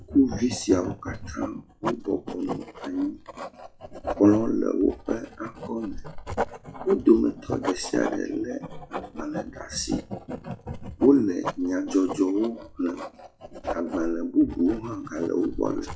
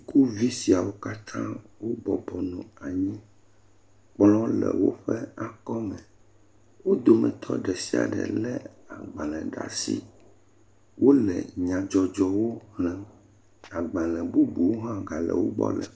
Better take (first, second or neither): second